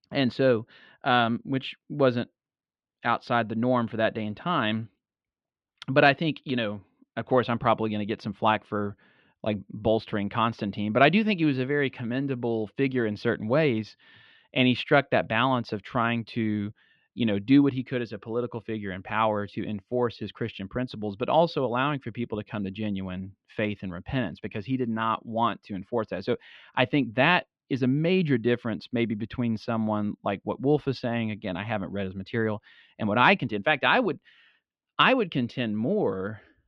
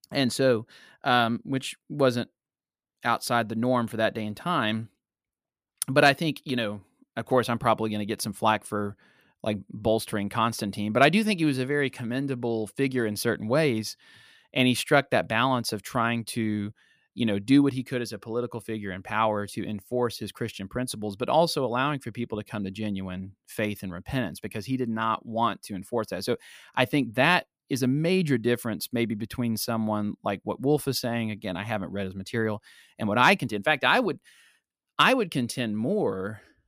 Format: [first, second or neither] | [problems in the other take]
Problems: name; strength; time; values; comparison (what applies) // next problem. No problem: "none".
second | muffled; slightly; fading above 3.5 kHz